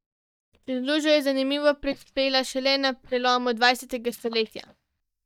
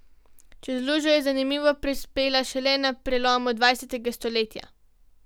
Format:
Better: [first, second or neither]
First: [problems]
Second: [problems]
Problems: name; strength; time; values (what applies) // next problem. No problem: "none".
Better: second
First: noise reduction (neural mask model DeepFilterNet 3)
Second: none